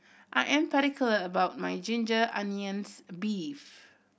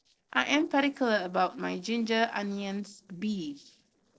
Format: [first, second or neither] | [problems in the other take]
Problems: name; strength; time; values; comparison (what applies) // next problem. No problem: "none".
first | noise reduction (neural separator model SepFormer DNS4)